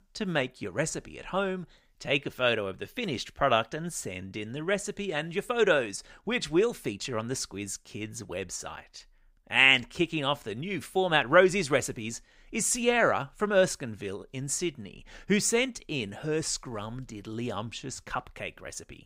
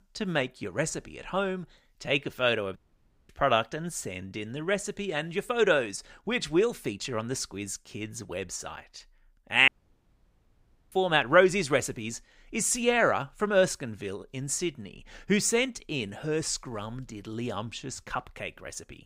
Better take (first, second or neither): first